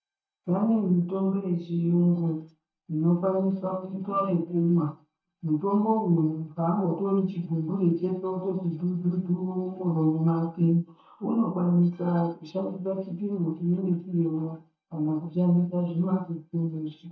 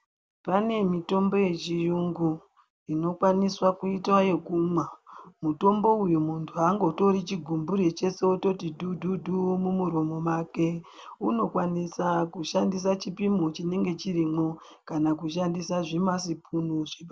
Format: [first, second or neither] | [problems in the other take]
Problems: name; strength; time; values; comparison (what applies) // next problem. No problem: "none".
second | noise reduction (neural mask model DeepFilterNet 3)